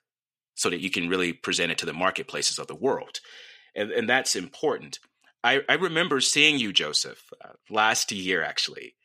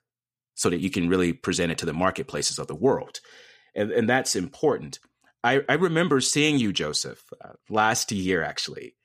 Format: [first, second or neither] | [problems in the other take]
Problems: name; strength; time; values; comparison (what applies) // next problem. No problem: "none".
second | thin; very slightly; fading below 350 Hz